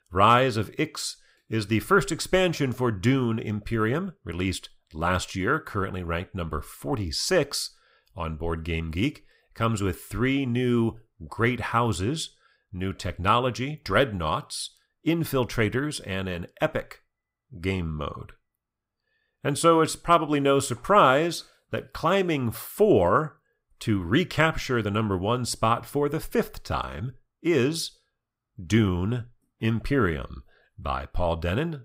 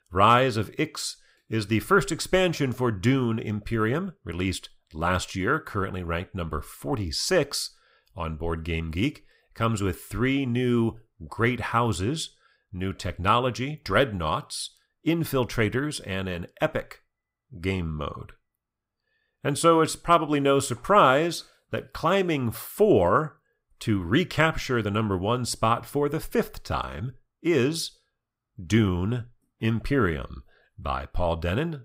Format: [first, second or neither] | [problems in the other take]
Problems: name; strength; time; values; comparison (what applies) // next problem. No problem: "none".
neither | none